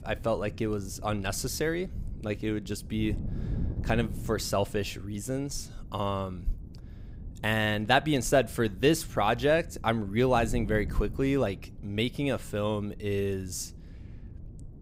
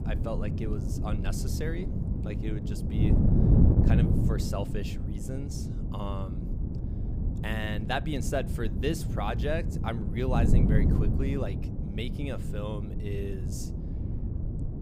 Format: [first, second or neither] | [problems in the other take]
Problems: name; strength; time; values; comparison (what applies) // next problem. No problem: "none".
first | wind noise on the microphone; heavy; 3 dB below the speech; occasional gusts in the first